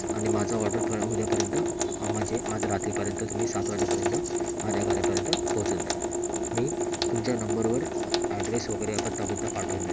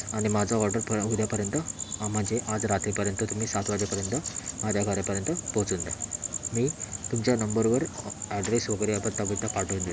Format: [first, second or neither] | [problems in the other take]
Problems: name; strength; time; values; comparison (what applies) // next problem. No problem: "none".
second | background sound (Sink (filling or washing) / Water tap, faucet); 2 dB above the speech